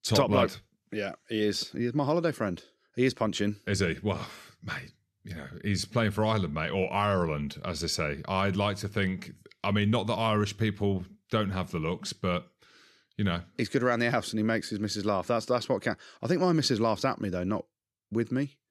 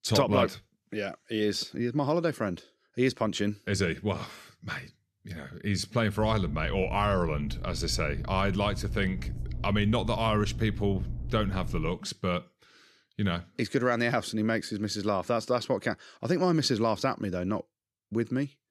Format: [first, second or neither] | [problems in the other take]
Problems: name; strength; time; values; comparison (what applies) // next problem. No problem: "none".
first | low rumble; faint; from 6 to 12 s; 20 dB below the speech